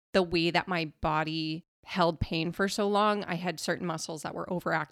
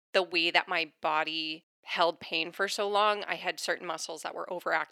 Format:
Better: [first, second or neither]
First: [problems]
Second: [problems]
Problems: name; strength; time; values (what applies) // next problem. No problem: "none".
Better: first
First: none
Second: thin; very; fading below 500 Hz